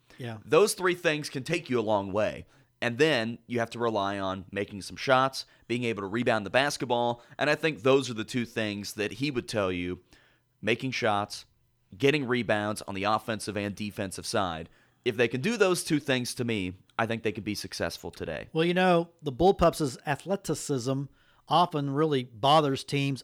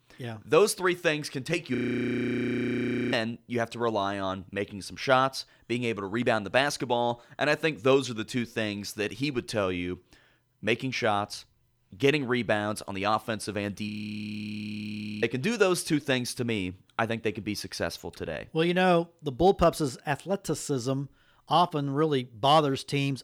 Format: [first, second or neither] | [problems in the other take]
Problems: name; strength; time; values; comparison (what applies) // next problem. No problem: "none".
first | audio freezing; at 2 s for 1.5 s and at 14 s for 1.5 s